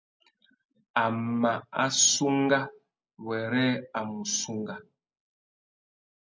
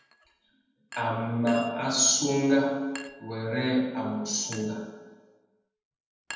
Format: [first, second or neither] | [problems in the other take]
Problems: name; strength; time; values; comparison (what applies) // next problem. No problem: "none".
first | background sound (Chink, clink); 19 dB below the speech // room echo; dies away in 1.1 s